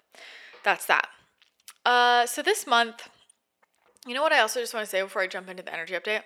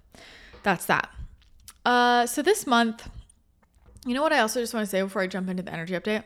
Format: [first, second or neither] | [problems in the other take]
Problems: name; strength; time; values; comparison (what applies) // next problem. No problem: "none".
second | thin; somewhat; fading below 550 Hz